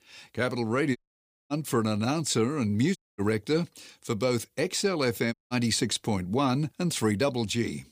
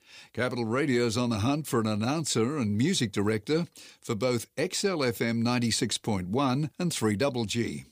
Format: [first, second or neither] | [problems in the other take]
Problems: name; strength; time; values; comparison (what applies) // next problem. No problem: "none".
second | audio cutting out; at 1 s for 0.5 s, at 3 s and at 5.5 s